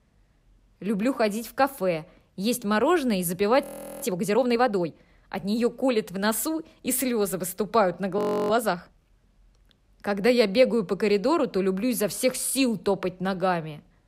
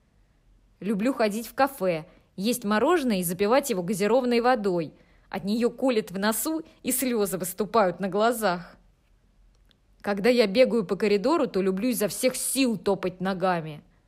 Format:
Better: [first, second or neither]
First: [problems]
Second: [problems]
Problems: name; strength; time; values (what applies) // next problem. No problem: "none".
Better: second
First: audio freezing; at 3.5 s and at 8 s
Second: none